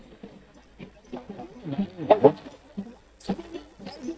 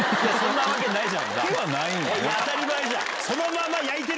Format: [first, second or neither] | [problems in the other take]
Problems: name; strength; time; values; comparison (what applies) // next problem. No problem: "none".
second | noise reduction (neural mask model DeepFilterNet 3)